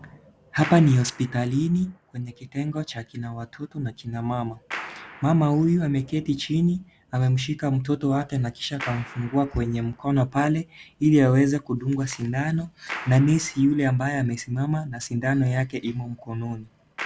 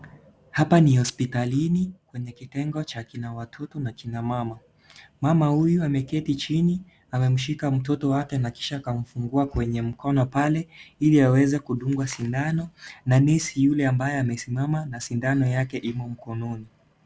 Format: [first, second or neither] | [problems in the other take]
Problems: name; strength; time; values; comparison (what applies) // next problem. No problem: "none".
second | background sound (Clapping); 20 dB below the speech